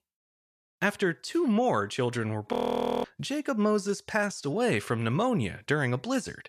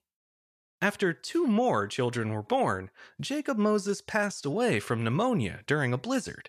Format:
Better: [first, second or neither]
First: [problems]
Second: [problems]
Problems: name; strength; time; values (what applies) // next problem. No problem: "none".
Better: second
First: audio freezing; at 2.5 s for 0.5 s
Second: none